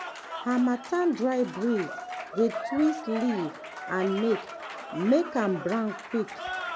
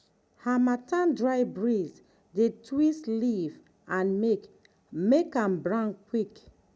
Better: second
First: background sound (Applause / Cheering); 9 dB below the speech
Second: none

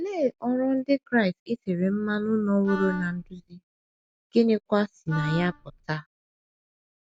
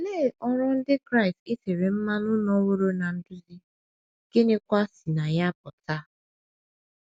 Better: second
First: background sound (Wind instrument, woodwind instrument); 11 dB below the speech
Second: none

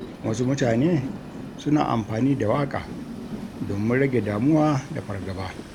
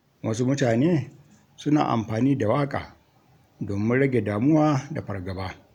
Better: second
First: background sound (Train); 12 dB below the speech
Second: none

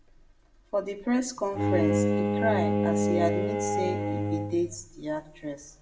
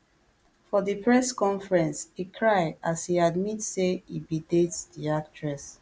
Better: second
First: background sound (Bowed string instrument); 3 dB above the speech // room echo; dies away in 0.9 s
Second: none

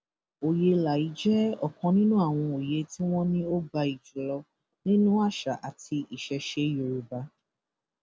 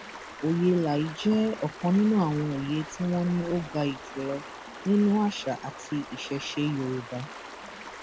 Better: first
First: none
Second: background sound (Stream); 14 dB below the speech

